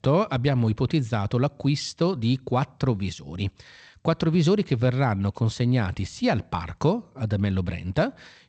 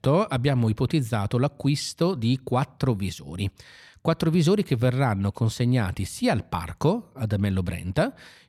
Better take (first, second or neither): second